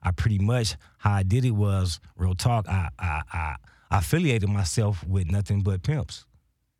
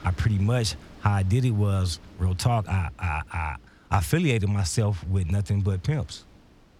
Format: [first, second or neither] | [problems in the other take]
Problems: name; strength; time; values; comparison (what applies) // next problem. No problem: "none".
first | wind noise on the microphone; occasional gusts; 25 dB below the speech